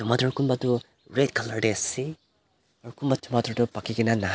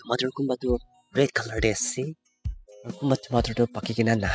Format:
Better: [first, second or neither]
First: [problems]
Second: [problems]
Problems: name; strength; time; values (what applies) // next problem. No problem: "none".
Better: first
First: none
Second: noise reduction (classical method spectral subtraction)